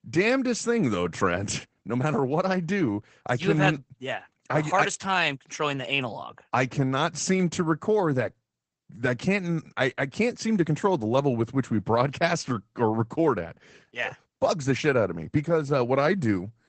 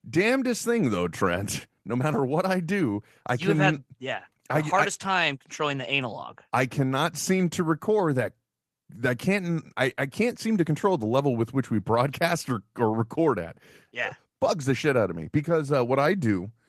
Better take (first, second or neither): second